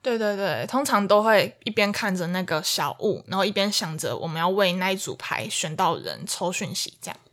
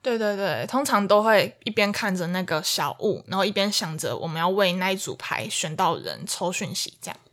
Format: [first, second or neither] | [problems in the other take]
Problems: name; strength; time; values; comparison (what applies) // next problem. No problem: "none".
neither | none